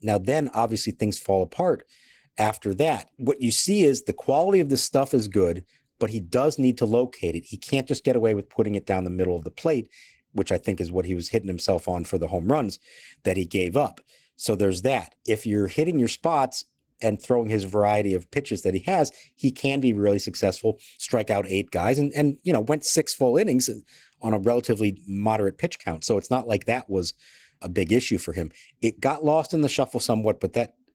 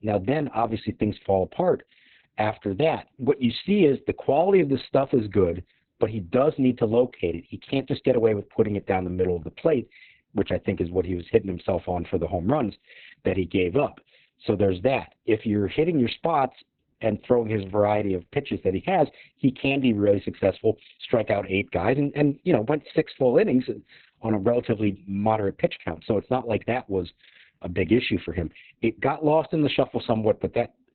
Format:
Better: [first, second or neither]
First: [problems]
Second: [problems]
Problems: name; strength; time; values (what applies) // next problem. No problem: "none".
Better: first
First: garbled, watery; slightly; nothing above 15.5 kHz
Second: garbled, watery; badly; nothing above 4 kHz